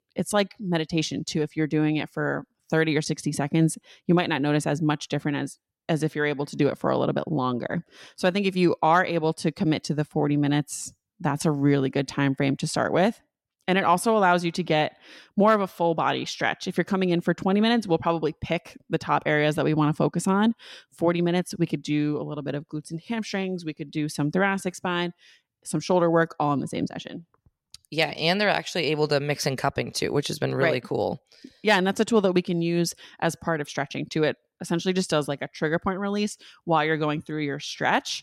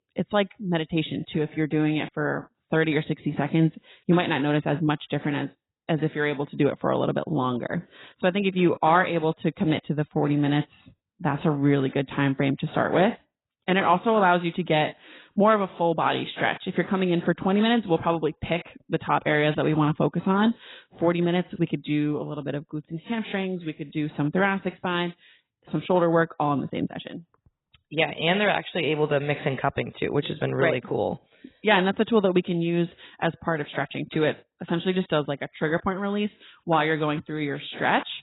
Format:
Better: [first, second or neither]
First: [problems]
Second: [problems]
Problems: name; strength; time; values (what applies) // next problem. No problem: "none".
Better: first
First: none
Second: garbled, watery; badly; nothing above 4 kHz